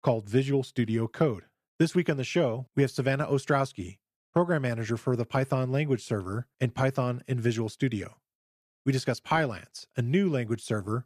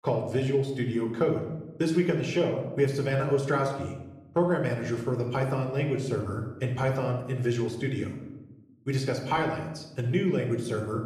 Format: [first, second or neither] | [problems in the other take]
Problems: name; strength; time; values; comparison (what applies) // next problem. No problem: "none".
first | room echo; slight; dies away in 0.8 s